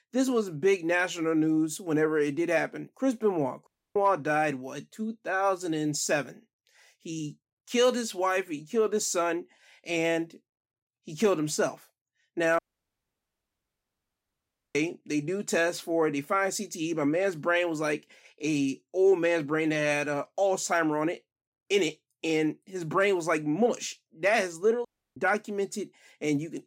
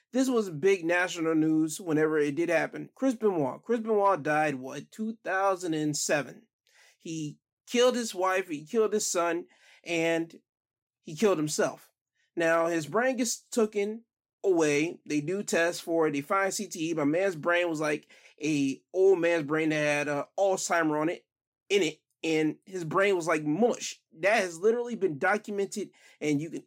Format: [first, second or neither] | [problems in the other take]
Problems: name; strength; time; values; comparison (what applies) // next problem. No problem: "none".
second | audio cutting out; at 3.5 s, at 13 s for 2 s and at 25 s